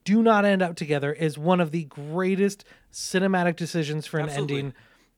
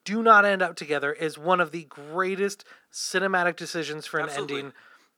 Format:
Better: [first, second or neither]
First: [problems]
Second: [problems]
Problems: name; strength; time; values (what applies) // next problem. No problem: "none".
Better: first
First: none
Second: thin; somewhat; fading below 300 Hz